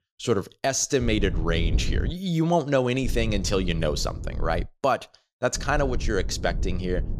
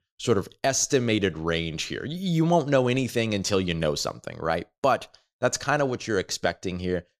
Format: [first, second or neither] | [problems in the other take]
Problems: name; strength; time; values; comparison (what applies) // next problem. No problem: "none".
second | low rumble; noticeable; from 1 to 2 s, from 3 to 4.5 s and from 5.5 s on; 20 dB below the speech